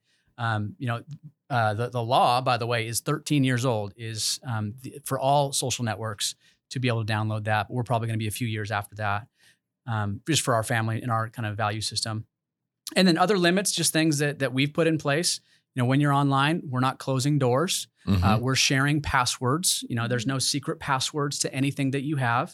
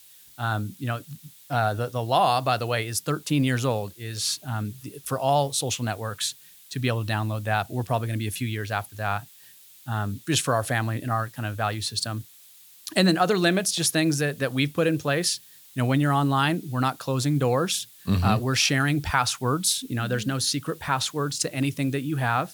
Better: first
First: none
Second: hiss; faint; throughout; 20 dB below the speech

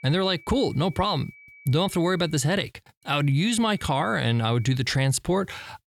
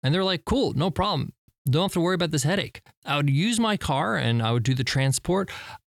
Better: second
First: high-pitched whine; faint; until 2.5 s and from 3 to 5 s; 2.5 kHz, 25 dB below the speech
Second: none

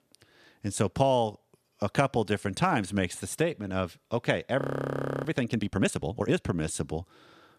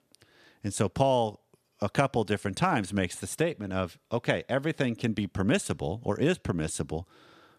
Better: second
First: audio freezing; at 4.5 s for 0.5 s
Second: none

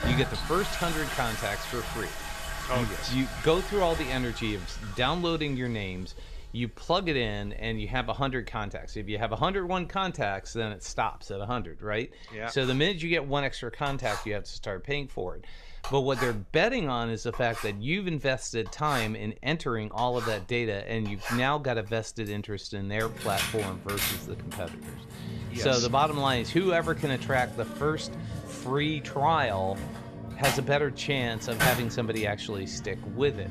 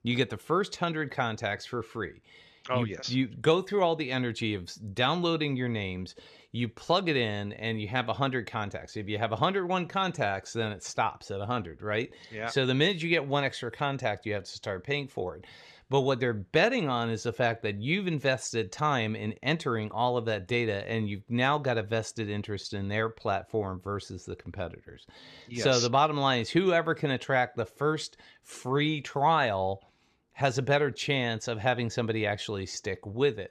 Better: second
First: household noises; loud; throughout; 6 dB below the speech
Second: none

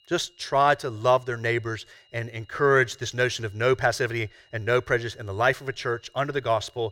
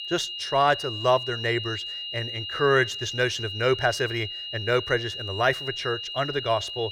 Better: first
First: high-pitched whine; faint; throughout; 3 kHz, 35 dB below the speech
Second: high-pitched whine; loud; throughout; 3 kHz, 6 dB below the speech

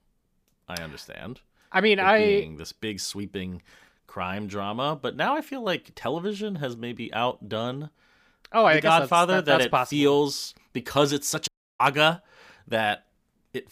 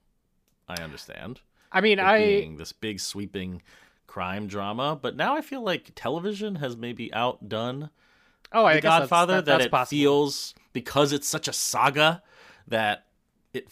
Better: second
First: audio cutting out; at 11 s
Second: none

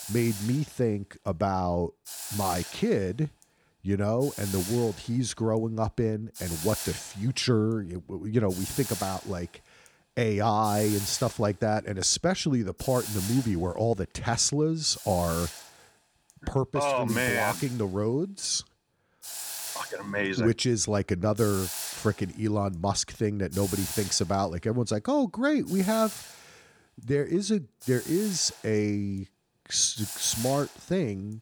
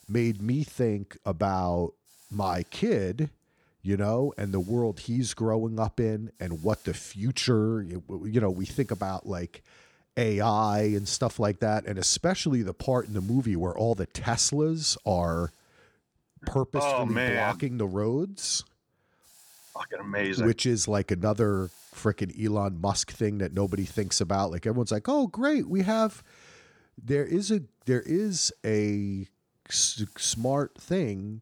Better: second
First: hiss; loud; throughout; 9 dB below the speech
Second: hiss; faint; throughout; 30 dB below the speech

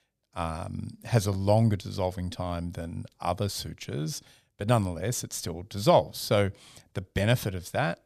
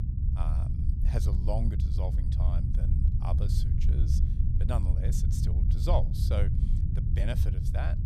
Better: first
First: none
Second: low rumble; loud; throughout; 4 dB below the speech

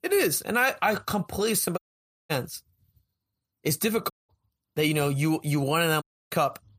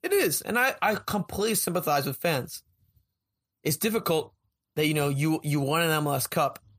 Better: second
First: audio cutting out; at 2 s for 0.5 s, at 4 s and at 6 s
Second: none

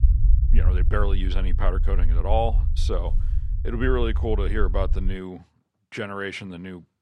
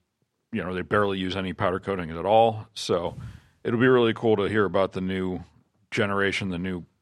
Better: second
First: low rumble; noticeable; until 5 s; 15 dB below the speech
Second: none

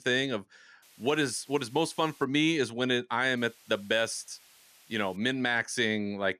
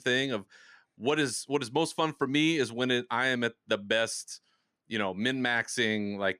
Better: second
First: hiss; faint; from 1 to 2 s and from 3.5 to 5 s; 25 dB below the speech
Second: none

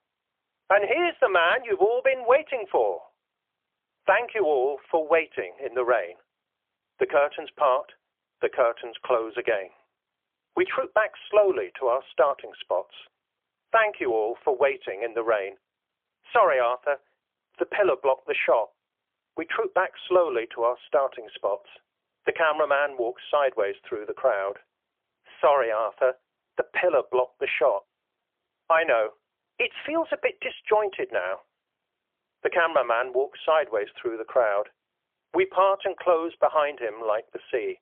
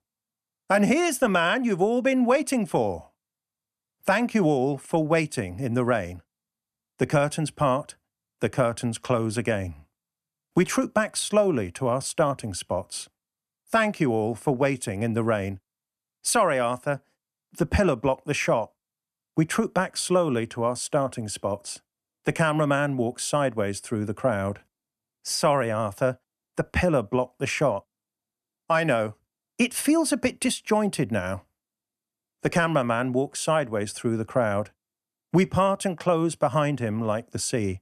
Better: second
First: phone-call audio; poor line; nothing above 3.5 kHz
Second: none

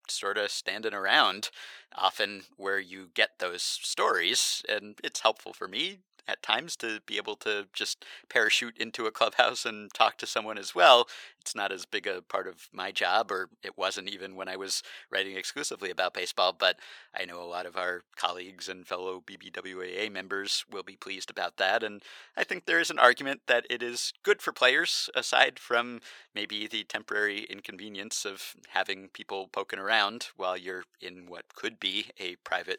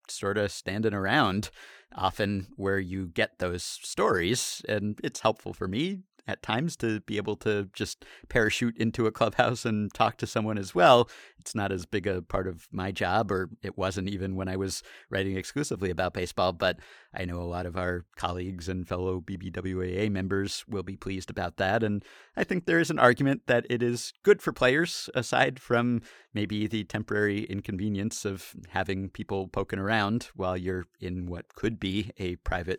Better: second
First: thin; very; fading below 600 Hz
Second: none

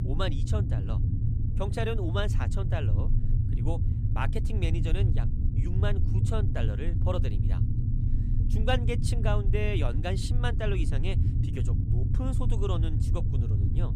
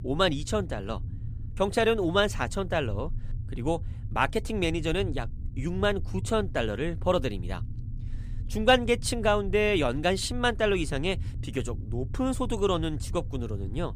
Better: second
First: low rumble; loud; throughout; 6 dB below the speech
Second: low rumble; faint; throughout; 25 dB below the speech

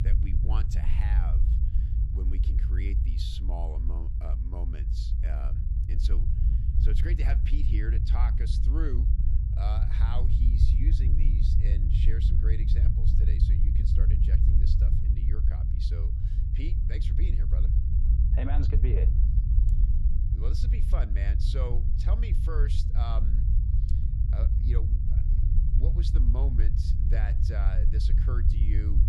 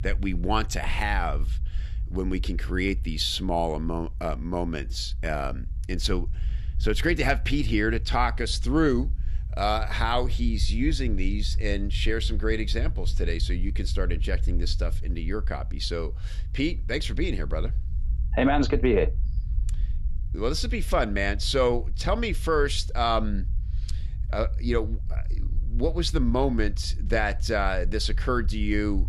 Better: second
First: low rumble; loud; throughout; 1 dB below the speech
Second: low rumble; faint; throughout; 25 dB below the speech

